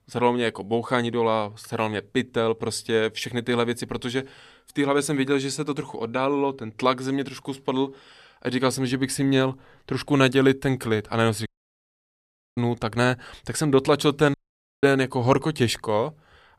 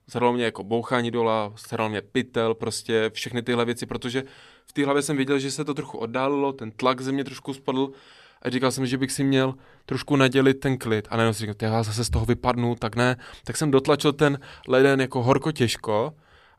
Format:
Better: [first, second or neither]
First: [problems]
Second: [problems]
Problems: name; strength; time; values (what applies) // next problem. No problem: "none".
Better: second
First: audio cutting out; at 11 s for 1 s and at 14 s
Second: none